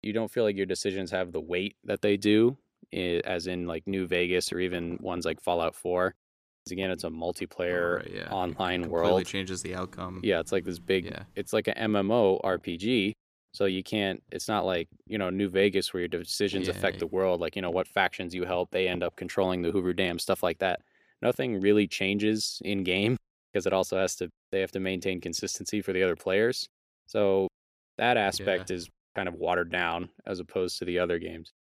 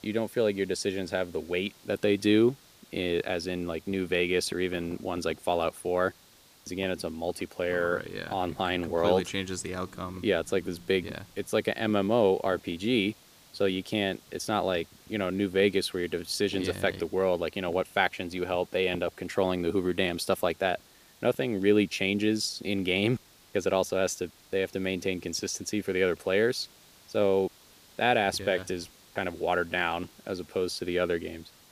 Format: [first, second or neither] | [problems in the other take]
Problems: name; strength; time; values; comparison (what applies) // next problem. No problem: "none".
first | hiss; faint; throughout; 25 dB below the speech